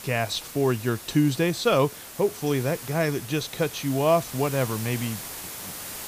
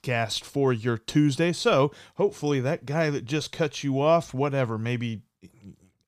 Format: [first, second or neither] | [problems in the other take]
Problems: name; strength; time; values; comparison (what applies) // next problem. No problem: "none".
second | hiss; noticeable; throughout; 10 dB below the speech